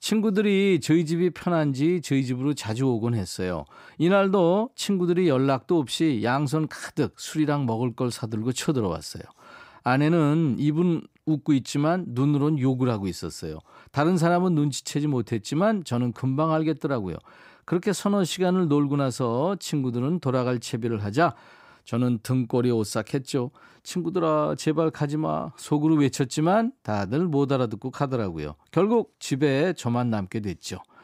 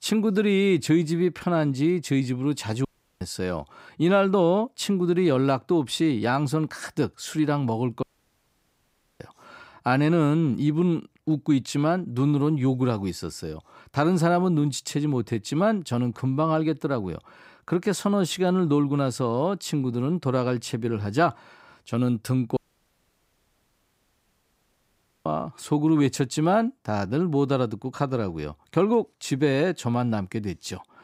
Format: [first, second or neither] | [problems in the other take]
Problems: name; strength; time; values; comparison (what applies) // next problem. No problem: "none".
first | audio cutting out; at 3 s, at 8 s for 1 s and at 23 s for 2.5 s